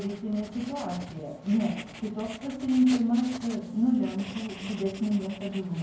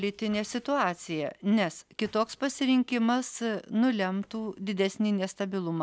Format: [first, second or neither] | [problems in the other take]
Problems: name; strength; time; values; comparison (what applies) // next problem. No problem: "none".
second | background sound (Writing); 16 dB below the speech // room echo; dies away in 0.9 s